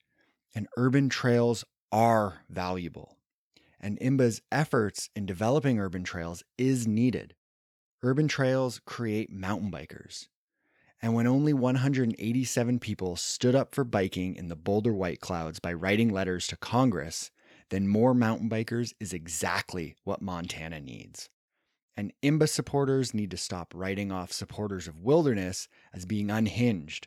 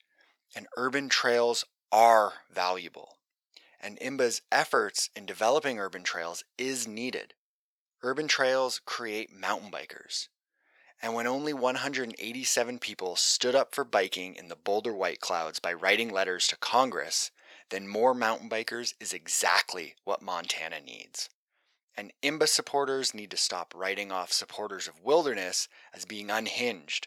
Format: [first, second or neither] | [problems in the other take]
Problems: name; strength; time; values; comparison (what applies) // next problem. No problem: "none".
first | thin; very; fading below 700 Hz